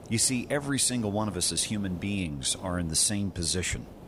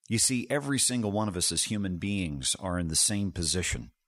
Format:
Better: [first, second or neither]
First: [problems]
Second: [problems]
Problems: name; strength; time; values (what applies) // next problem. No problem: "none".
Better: second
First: hiss; noticeable; throughout; 20 dB below the speech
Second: none